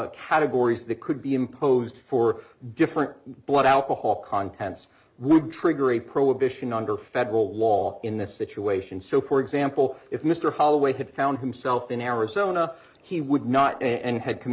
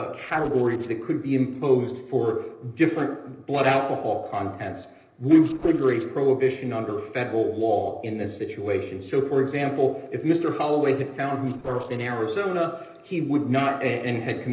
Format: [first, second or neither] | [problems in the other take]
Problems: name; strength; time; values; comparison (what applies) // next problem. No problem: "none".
first | noise reduction (neural separator model SepFormer DNS4)